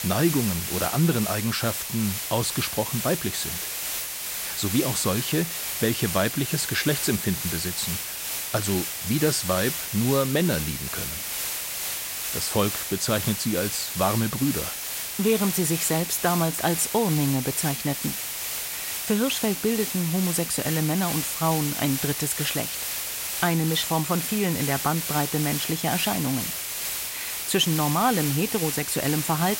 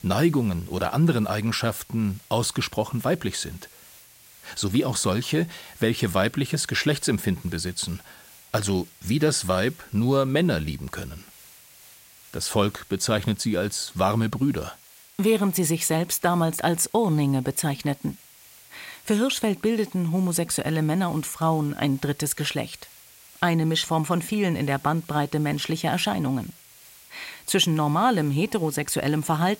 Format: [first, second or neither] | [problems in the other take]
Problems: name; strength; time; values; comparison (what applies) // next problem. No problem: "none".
second | hiss; loud; throughout; 2 dB below the speech; faint in the second